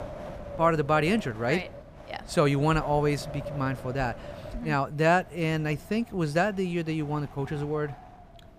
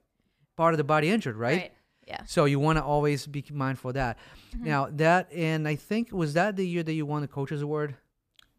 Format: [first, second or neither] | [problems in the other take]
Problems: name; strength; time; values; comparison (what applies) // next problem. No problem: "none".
second | wind noise on the microphone; occasional gusts; 15 dB below the speech